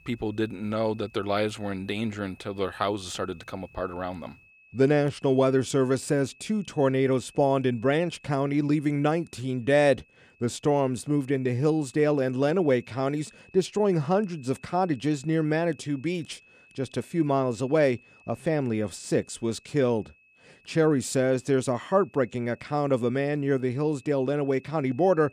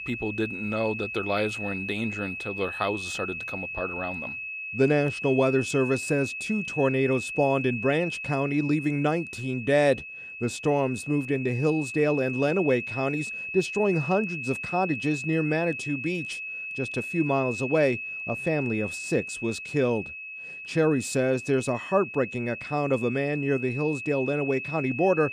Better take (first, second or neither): first